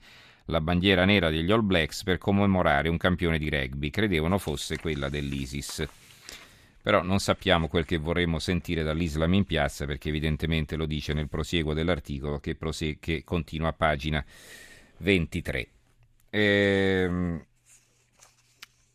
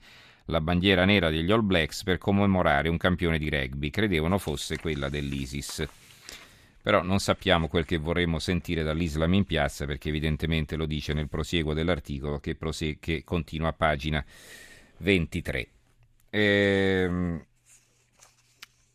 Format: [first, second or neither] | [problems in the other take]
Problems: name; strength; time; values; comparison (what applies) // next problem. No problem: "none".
neither | none